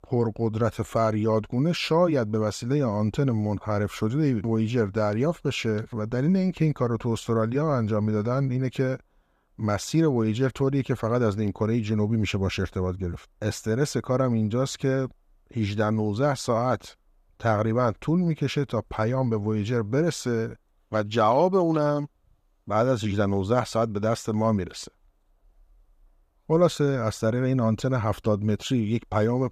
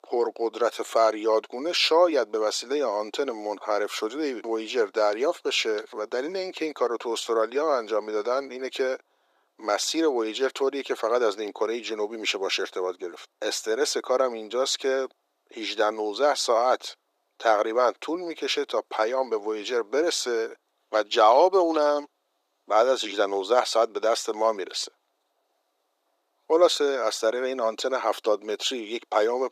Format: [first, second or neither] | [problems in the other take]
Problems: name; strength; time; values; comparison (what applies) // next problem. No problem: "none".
first | thin; very; fading below 350 Hz